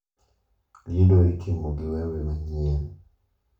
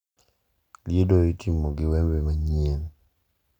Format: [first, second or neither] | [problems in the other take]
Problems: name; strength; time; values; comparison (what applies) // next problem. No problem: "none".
second | room echo; dies away in 0.4 s